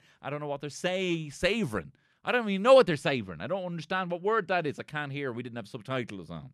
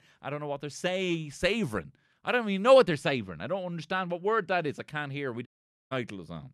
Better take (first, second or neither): first